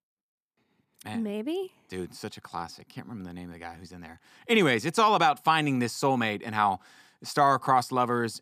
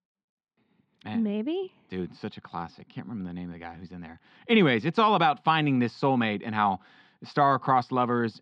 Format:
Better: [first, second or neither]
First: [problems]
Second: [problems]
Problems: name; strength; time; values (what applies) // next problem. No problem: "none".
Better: first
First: none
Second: muffled; slightly; fading above 3.5 kHz